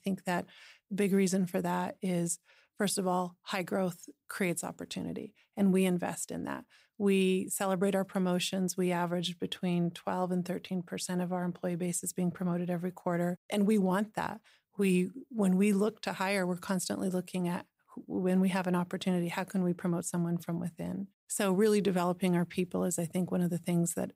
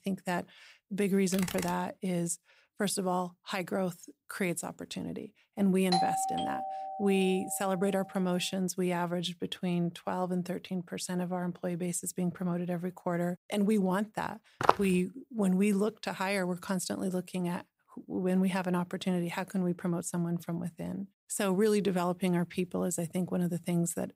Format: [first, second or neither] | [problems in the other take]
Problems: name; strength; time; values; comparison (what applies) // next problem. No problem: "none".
first | keyboard typing; noticeable; at 1.5 s; peak 6 dB below the speech // doorbell; loud; from 6 to 7.5 s; peak 2 dB above the speech // footsteps; loud; at 15 s; peak 4 dB above the speech